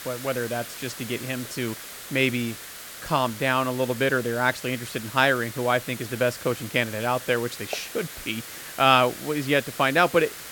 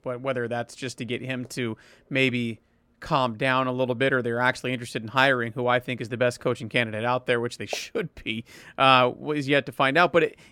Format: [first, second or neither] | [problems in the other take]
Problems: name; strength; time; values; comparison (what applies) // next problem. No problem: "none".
second | hiss; noticeable; throughout; 10 dB below the speech